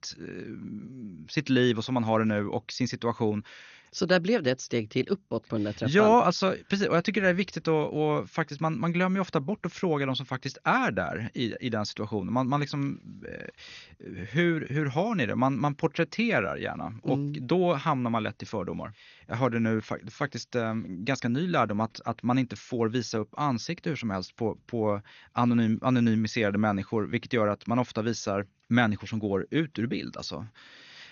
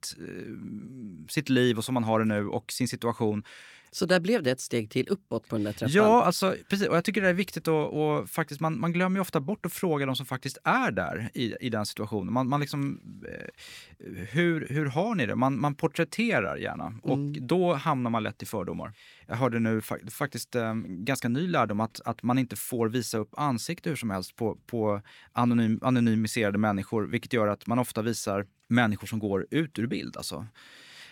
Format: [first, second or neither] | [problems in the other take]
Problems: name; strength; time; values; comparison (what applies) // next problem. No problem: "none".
second | garbled, watery; slightly; nothing above 6.5 kHz